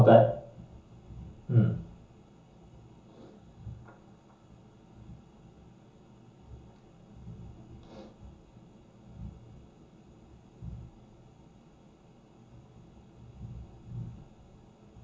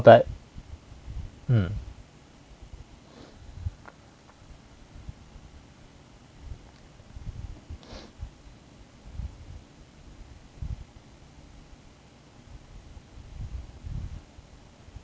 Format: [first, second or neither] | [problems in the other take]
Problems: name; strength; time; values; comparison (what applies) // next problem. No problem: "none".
second | room echo; dies away in 0.6 s